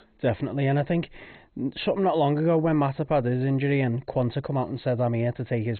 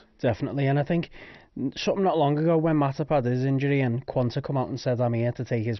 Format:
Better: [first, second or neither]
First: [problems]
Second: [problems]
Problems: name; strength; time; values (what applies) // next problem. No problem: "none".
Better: second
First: garbled, watery; badly; nothing above 4 kHz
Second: garbled, watery; slightly; nothing above 6 kHz